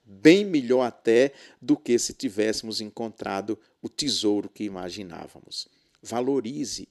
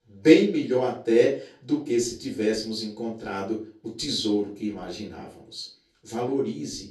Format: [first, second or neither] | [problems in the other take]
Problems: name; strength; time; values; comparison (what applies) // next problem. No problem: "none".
first | off-mic speech; far // room echo; slight; dies away in 0.3 s